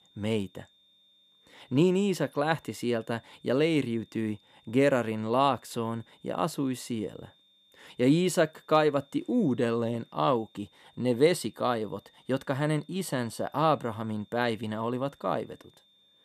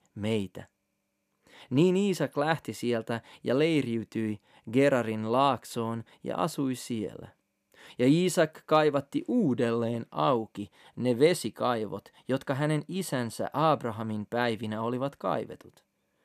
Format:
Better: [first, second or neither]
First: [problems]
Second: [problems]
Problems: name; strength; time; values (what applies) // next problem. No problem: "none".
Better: second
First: high-pitched whine; faint; throughout; 3.5 kHz, 30 dB below the speech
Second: none